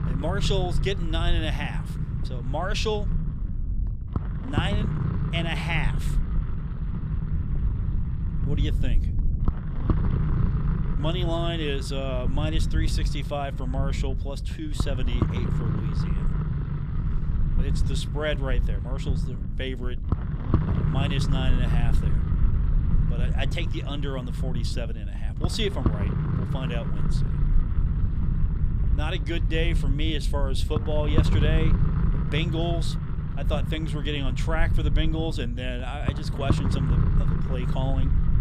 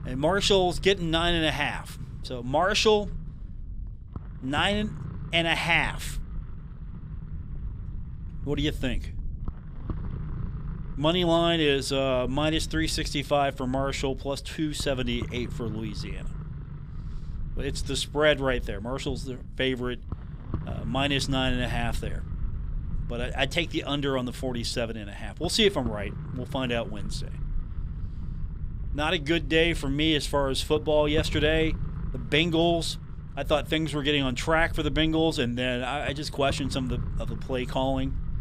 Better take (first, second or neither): second